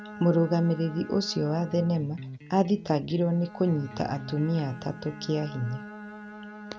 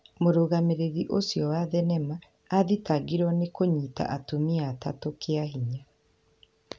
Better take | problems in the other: second | background sound (Electric guitar + Bowed string instrument); 14 dB below the speech

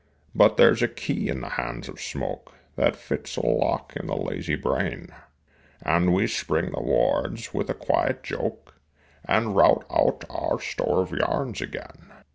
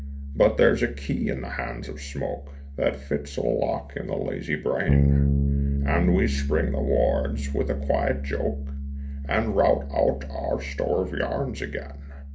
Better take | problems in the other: first | background sound (Bass guitar); 2 dB below the speech // room echo; dies away in 0.3 s

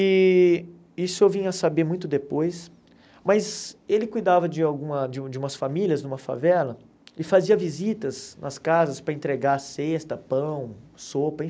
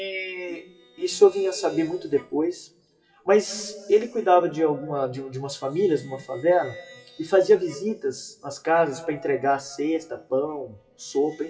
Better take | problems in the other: first | noise reduction (classical method WPE with log-MMSE)

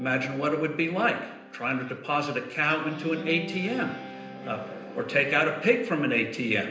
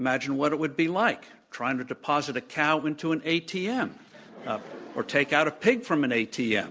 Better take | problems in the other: second | background sound (Guitar); 16 dB below the speech // room echo; dies away in 0.9 s

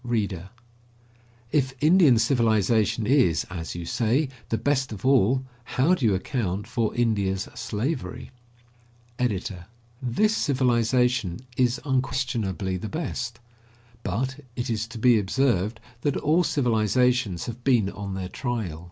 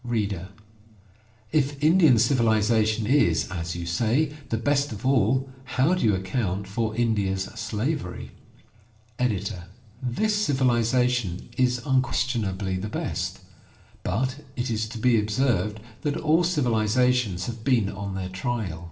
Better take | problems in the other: first | room echo; dies away in 0.6 s

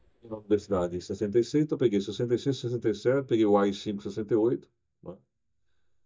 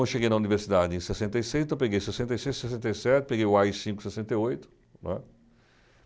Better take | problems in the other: second | noise reduction (neural mask model DeepFilterNet 3)

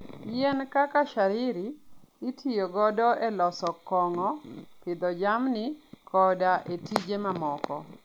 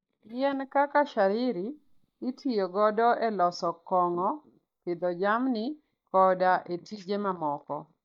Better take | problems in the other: first | noise reduction (neural mask model DeepFilterNet 3)

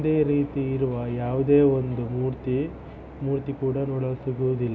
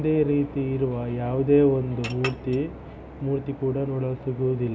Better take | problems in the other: first | background sound (Chink, clink); 14 dB below the speech

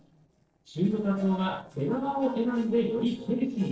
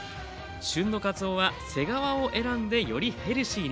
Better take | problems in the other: second | noise reduction (neural separator model SepFormer DNS4)

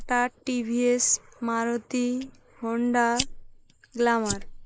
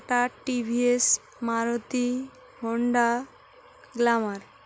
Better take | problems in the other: second | noise reduction (neural mask model Resemble Enhance denoiser)

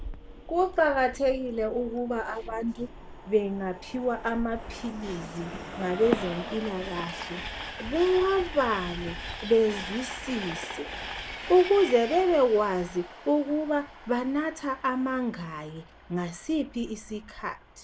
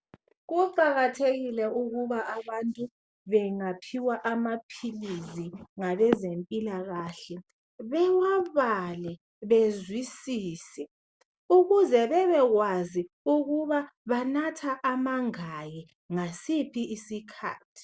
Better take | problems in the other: second | background sound (Train); 12 dB below the speech

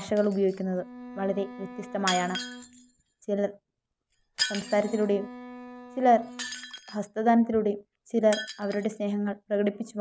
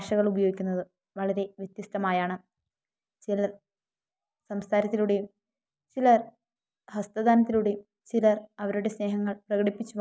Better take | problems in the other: second | background sound (Bowed string instrument + Shatter); 12 dB below the speech

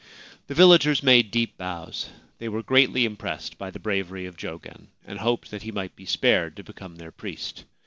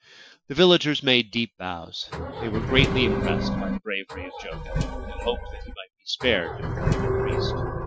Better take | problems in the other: first | noise reduction (classical method Wiener filter)

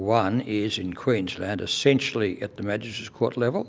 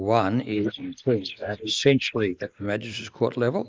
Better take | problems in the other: first | noise reduction (neural mask model Resemble Enhance denoiser)

